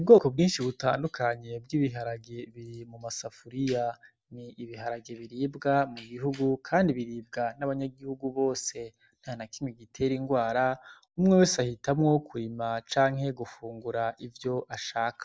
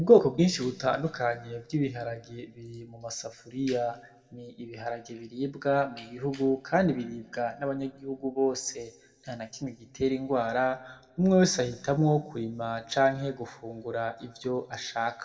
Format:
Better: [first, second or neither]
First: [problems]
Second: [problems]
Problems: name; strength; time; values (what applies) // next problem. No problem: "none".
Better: first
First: none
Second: room echo; dies away in 1.2 s